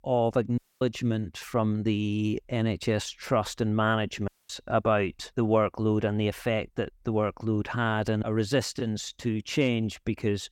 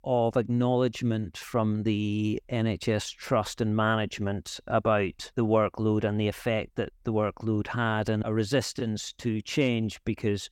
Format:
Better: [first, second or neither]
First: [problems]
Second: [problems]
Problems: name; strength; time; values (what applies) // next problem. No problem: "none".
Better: second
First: audio cutting out; at 0.5 s and at 4.5 s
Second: none